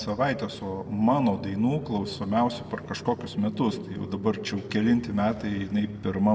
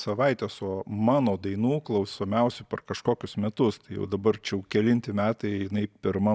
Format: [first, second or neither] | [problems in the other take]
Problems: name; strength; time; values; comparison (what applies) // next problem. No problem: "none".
second | background sound (Motorcycle); 15 dB below the speech // room echo; dies away in 1.3 s